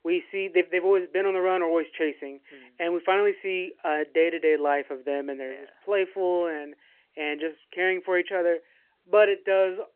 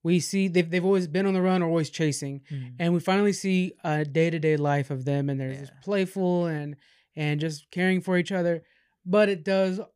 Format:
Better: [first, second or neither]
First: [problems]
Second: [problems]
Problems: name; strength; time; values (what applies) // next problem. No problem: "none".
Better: second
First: phone-call audio; nothing above 2.5 kHz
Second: none